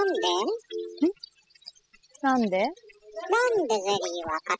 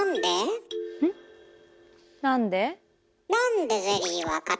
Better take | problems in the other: second | noise reduction (classical method spectral subtraction)

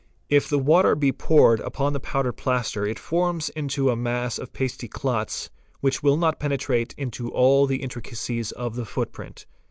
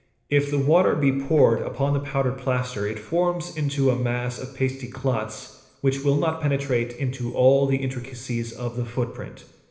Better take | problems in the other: first | room echo; dies away in 1.1 s

